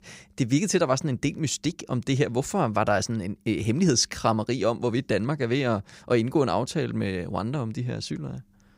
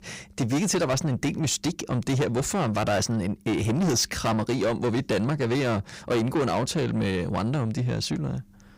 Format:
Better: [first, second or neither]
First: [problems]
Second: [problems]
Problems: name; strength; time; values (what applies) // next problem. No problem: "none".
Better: first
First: none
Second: distortion; heavy; 7 dB below the speech